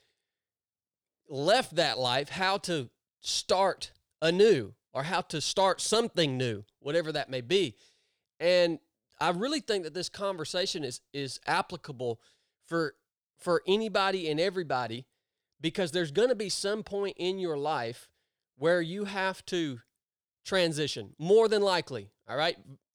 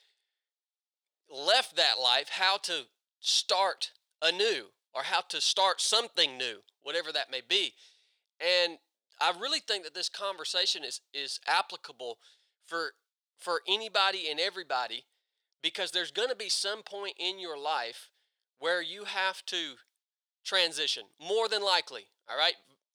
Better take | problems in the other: first | thin; very; fading below 700 Hz

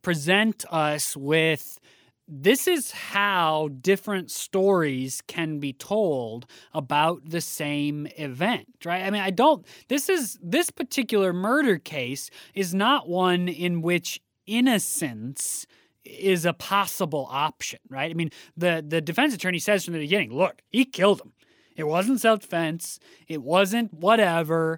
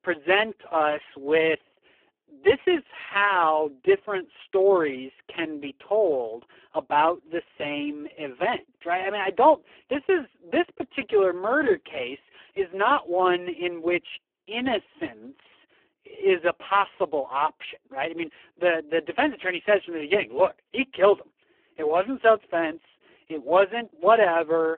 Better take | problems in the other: first | phone-call audio; poor line

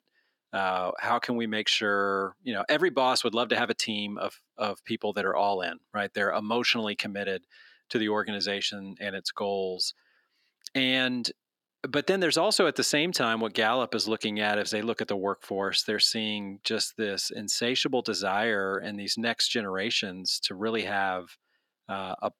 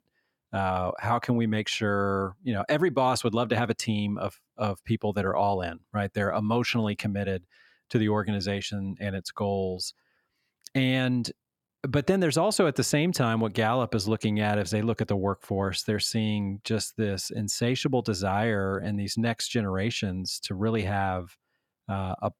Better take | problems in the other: second | thin; very slightly; fading below 300 Hz

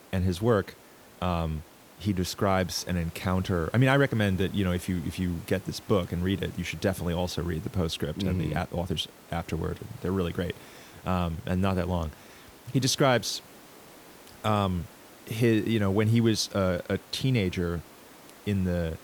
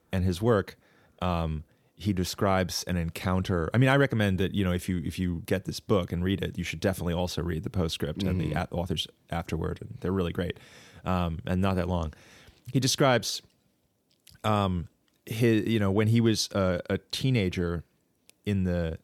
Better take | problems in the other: second | hiss; faint; throughout; 20 dB below the speech

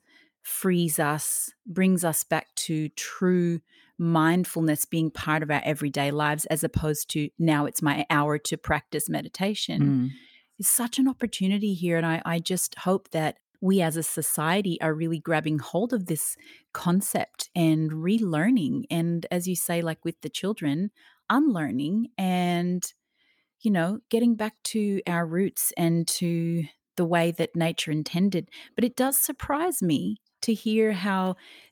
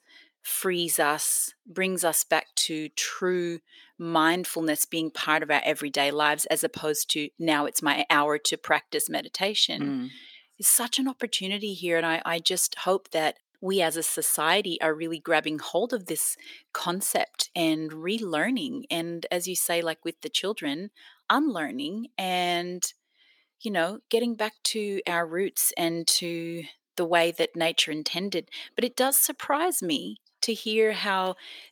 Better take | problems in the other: first | thin; somewhat; fading below 450 Hz

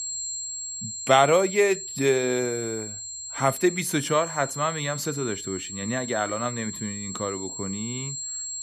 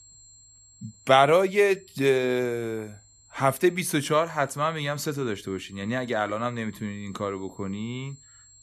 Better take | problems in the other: second | high-pitched whine; loud; throughout; 7.5 kHz, 7 dB below the speech; faint in the second

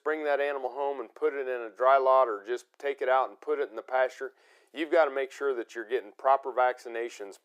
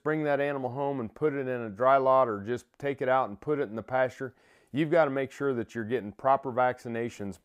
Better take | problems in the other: second | thin; very; fading below 350 Hz

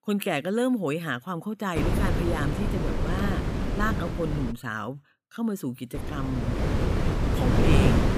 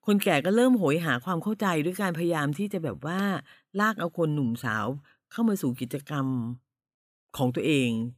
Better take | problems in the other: second | wind noise on the microphone; heavy; from 2 to 4.5 s and from 6 s on; 1 dB below the speech

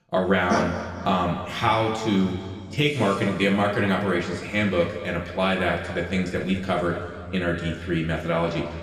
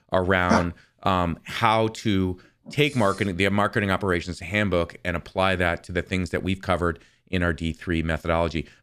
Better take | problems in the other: second | room echo; noticeable; dies away in 1.9 s // off-mic speech; somewhat distant

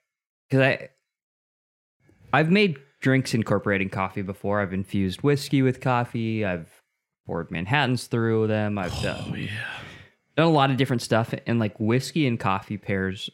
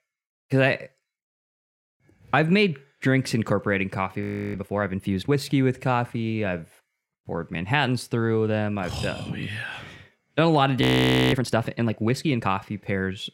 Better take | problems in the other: first | audio freezing; at 4 s and at 11 s for 0.5 s

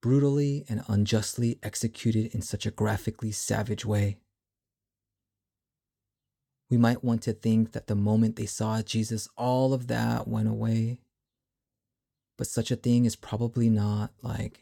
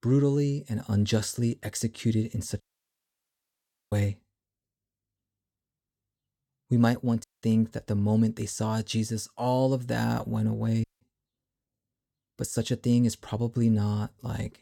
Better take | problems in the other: first | audio cutting out; at 2.5 s for 1.5 s, at 7 s and at 11 s

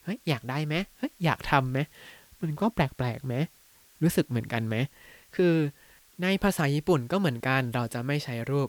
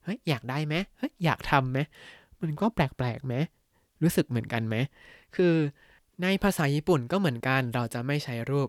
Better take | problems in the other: second | hiss; faint; throughout; 30 dB below the speech

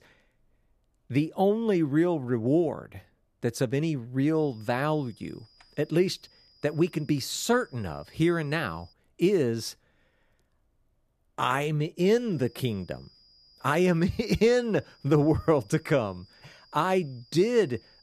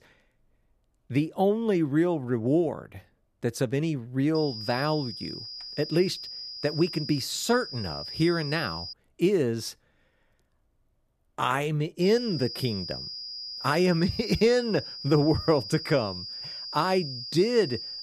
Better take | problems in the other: first | high-pitched whine; loud; from 4.5 to 9 s and from 12 s on; 5 kHz, 9 dB below the speech; faint in the first

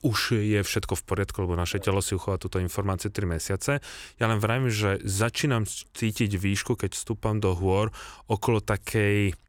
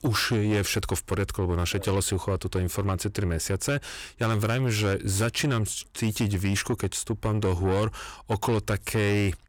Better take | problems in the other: first | distortion; slight; 10 dB below the speech

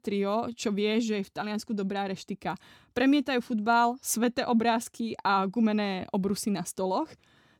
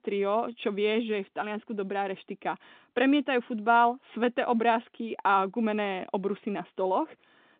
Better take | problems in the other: first | phone-call audio

